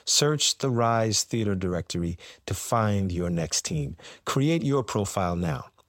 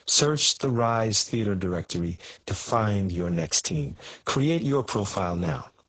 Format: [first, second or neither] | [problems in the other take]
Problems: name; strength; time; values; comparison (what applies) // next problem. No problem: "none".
first | garbled, watery; badly; nothing above 7.5 kHz